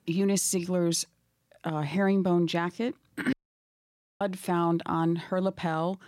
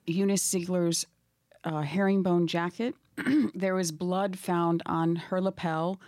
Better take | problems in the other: second | audio cutting out; at 3.5 s for 1 s

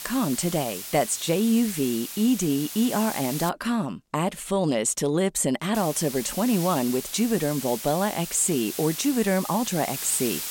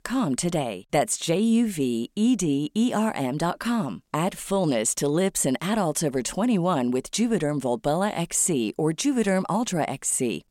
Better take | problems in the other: second | hiss; loud; until 3.5 s and from 6 s on; 8 dB below the speech

